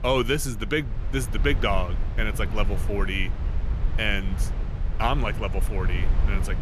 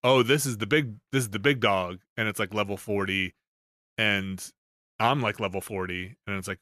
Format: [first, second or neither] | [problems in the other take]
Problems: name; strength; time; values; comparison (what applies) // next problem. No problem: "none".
second | low rumble; noticeable; throughout; 15 dB below the speech